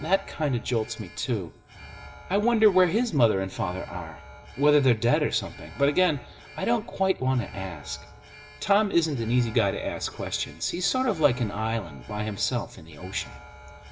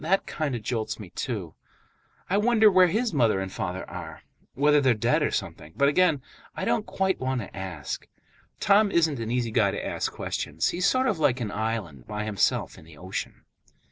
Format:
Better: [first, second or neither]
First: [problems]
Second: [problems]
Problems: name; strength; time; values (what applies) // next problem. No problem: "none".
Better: second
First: background sound (Alarm); 19 dB below the speech // room echo; dies away in 0.9 s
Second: none